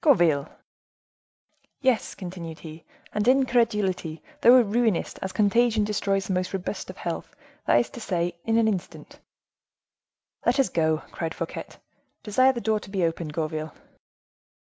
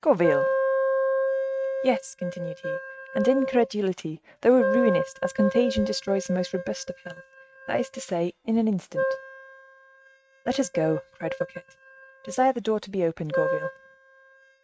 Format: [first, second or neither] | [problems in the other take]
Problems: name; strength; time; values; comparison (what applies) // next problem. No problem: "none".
first | noise reduction (neural mask model RNNoise)